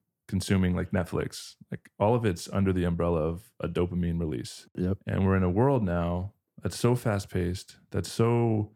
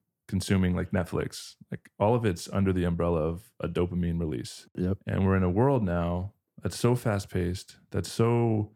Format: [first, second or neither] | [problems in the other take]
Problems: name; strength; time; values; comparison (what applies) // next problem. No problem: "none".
neither | none